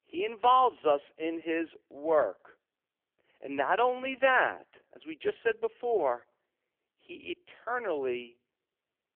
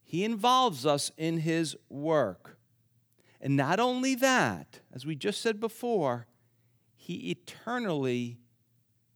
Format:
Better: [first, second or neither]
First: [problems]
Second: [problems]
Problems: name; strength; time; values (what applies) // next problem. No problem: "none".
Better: second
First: phone-call audio; poor line; nothing above 3 kHz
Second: none